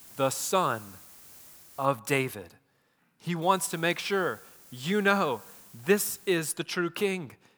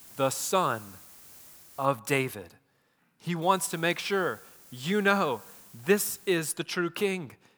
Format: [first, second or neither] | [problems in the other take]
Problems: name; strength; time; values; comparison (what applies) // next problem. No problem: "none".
neither | hiss; faint; until 2 s and from 3.5 to 6.5 s; 20 dB below the speech; the same in both